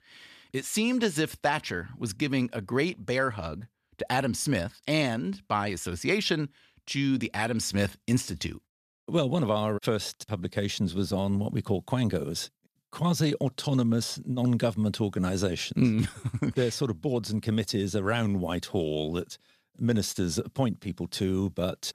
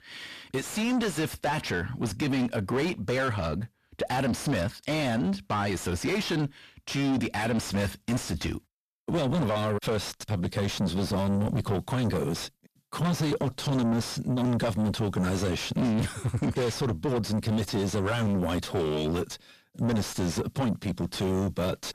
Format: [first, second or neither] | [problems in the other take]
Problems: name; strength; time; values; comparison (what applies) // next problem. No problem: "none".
first | distortion; heavy; 5 dB below the speech